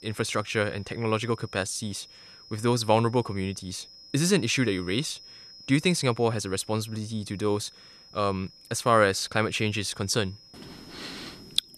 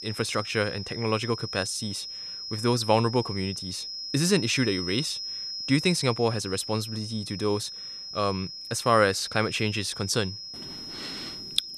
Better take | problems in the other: first | high-pitched whine; loud; throughout; 5 kHz, 7 dB below the speech; faint in the first

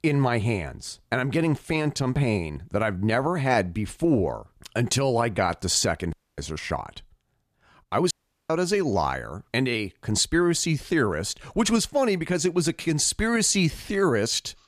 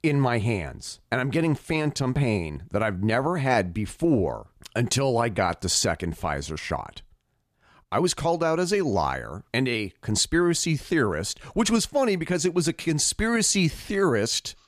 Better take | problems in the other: second | audio cutting out; at 6 s and at 8 s

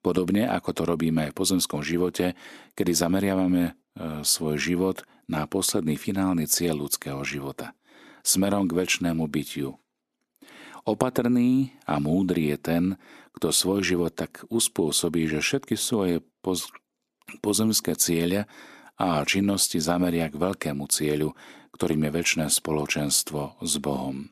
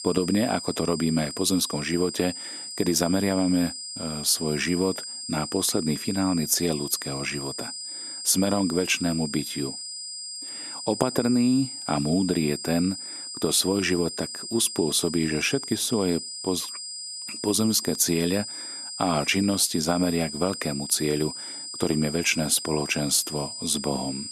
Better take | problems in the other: first | high-pitched whine; loud; throughout; 5 kHz, 8 dB below the speech

